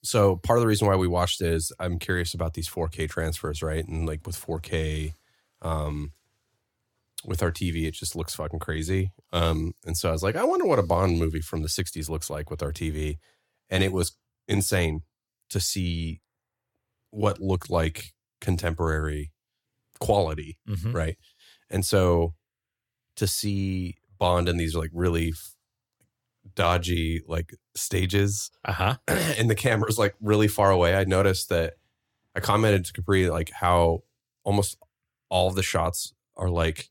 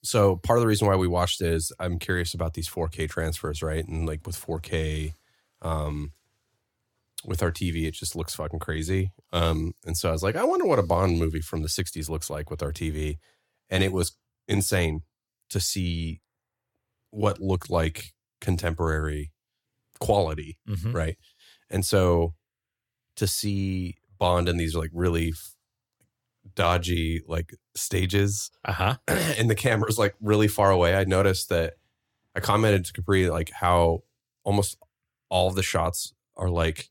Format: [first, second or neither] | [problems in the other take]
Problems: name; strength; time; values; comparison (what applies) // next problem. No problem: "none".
neither | none